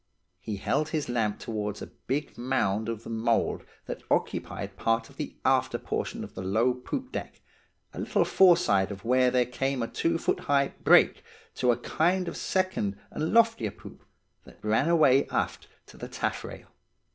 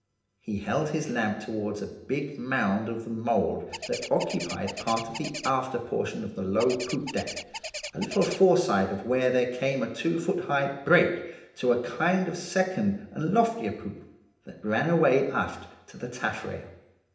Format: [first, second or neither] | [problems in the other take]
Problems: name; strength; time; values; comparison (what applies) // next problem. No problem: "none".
first | background sound (Bird); 10 dB below the speech // room echo; dies away in 0.8 s